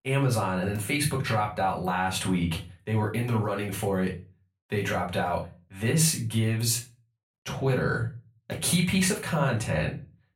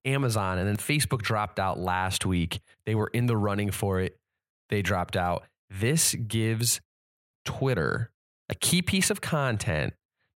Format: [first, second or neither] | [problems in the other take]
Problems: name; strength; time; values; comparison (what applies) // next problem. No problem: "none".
second | off-mic speech; far // room echo; very slight; dies away in 0.3 s